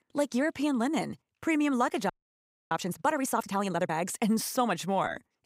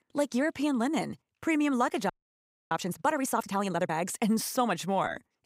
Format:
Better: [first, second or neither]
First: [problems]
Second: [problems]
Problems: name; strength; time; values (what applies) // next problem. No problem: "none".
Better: neither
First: audio freezing; at 2 s for 0.5 s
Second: audio freezing; at 2 s for 0.5 s